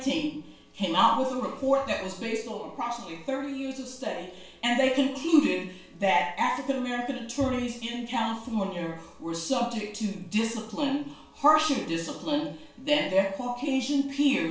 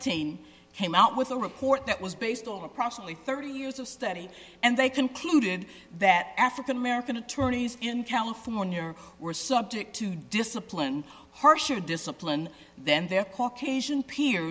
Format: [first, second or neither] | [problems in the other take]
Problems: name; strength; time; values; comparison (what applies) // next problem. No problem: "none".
second | room echo; dies away in 0.4 s